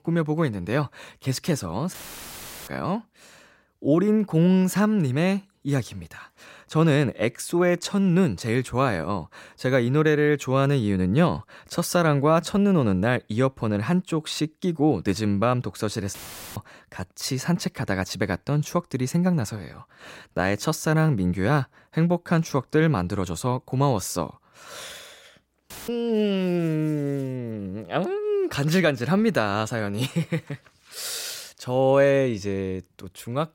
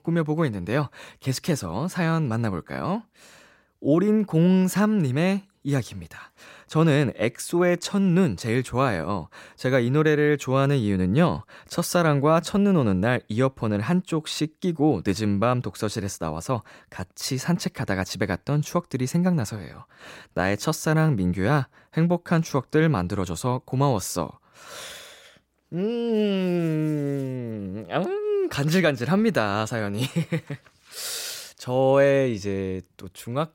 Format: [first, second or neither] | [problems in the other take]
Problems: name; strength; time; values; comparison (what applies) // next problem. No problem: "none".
second | audio cutting out; filled with static; at 2 s for 0.5 s, at 16 s and at 26 s